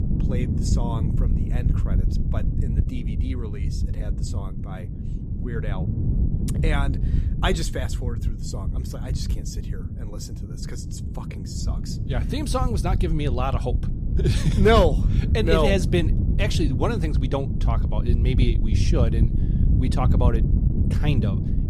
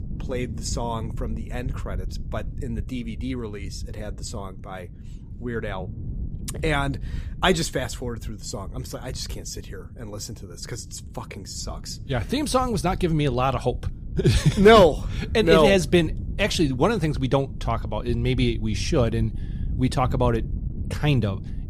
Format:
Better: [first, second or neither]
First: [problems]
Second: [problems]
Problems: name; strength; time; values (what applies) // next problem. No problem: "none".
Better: second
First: wind noise on the microphone; heavy; 9 dB below the speech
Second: wind noise on the microphone; occasional gusts; 25 dB below the speech